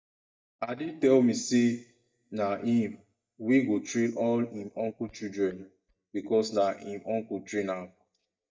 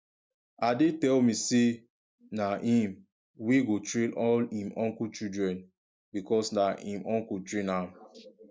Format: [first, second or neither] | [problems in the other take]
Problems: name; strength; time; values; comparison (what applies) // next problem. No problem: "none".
second | noise reduction (neural mask model DeepFilterNet 3)